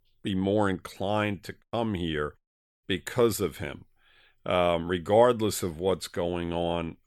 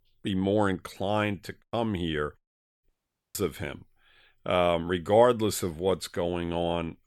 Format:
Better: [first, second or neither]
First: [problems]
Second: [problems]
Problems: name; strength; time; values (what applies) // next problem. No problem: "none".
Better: first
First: none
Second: audio cutting out; at 3 s